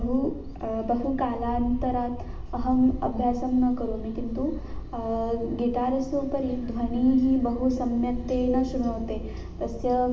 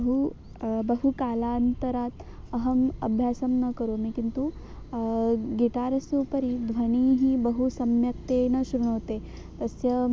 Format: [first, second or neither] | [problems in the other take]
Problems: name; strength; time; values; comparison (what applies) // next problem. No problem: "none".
second | room echo; dies away in 0.8 s